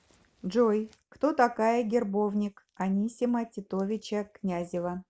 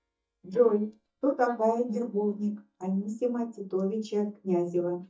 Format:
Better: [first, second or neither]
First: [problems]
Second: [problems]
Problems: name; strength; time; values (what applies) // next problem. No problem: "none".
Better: first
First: none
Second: noise reduction (neural mask model DeepFilterNet 3)